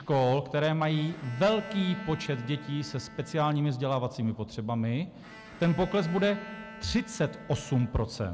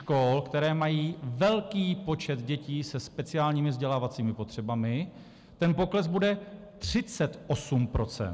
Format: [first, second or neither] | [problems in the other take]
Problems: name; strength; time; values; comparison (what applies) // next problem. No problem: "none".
second | background sound (Bowed string instrument); 18 dB below the speech